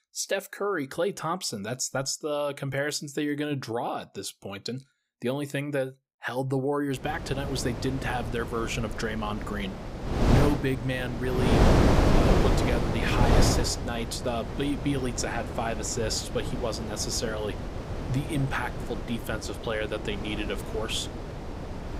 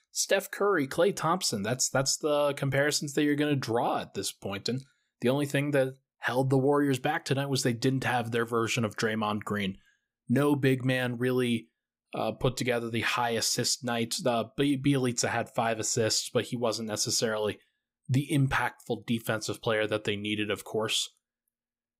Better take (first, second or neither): second